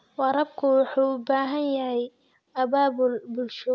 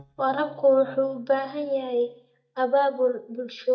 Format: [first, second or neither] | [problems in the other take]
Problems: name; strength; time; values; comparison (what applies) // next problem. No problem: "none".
first | noise reduction (neural mask model DeepFilterNet 3)